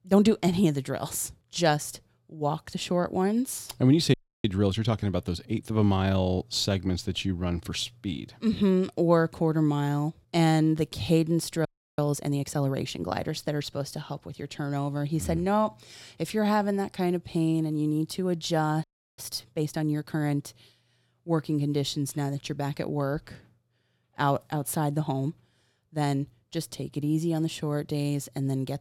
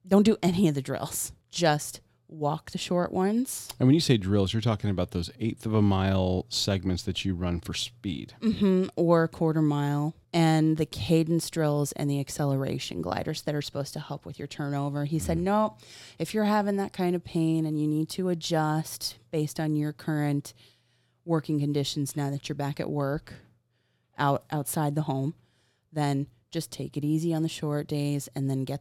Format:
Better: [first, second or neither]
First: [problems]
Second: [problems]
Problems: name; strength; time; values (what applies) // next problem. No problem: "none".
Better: second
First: audio freezing; at 4 s, at 12 s and at 19 s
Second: none